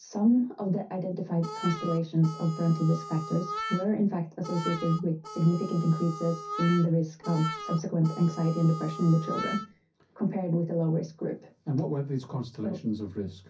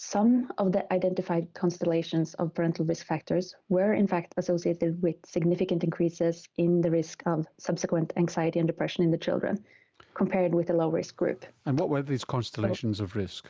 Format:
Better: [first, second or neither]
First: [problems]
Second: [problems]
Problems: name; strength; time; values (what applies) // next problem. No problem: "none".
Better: second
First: background sound (Harmonica); 10 dB below the speech // room echo; dies away in 0.3 s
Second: none